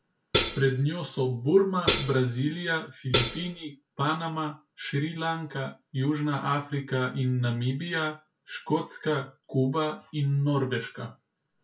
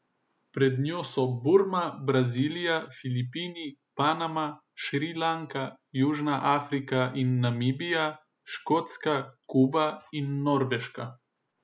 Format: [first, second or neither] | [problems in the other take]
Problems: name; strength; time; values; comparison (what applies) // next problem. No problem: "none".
second | background sound (Hi-hat); as loud as the speech // room echo; dies away in 0.1 s